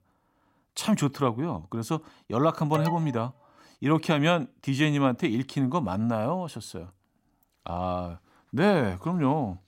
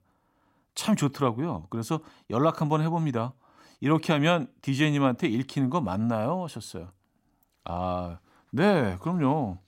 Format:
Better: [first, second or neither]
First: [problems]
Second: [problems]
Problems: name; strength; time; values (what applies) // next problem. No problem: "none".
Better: second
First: alarm; noticeable; at 2.5 s; peak 7 dB below the speech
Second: none